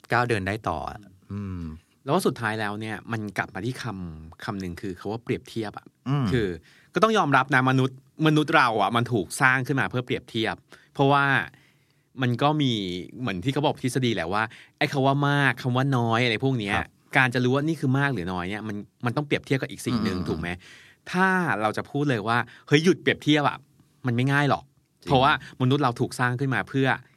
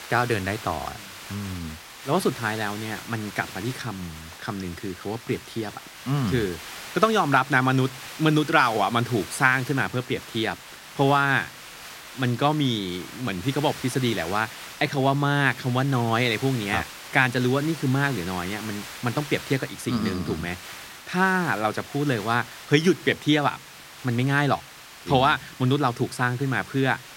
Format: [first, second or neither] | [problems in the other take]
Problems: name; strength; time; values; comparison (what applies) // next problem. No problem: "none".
first | hiss; noticeable; throughout; 15 dB below the speech